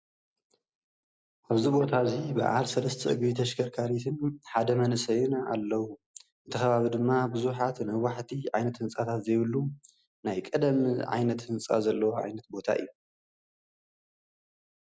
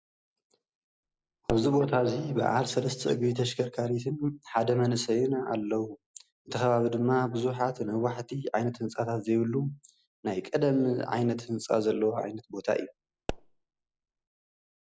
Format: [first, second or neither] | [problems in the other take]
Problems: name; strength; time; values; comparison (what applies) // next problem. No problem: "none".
first | background sound (Explosion); 13 dB below the speech